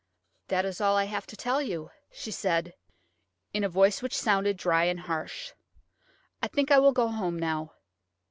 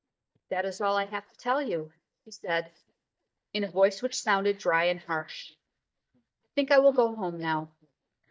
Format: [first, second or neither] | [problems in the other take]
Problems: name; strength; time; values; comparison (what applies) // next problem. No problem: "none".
first | noise reduction (neural mask model DeepFilterNet 3)